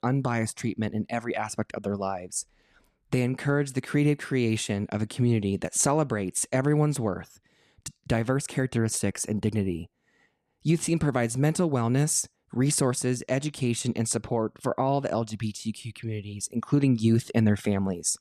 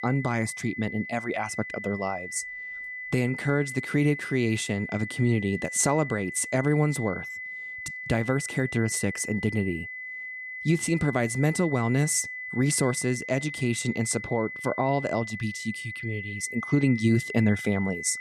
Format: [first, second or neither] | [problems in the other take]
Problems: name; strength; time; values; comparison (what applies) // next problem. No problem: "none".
first | high-pitched whine; loud; throughout; 2 kHz, 8 dB below the speech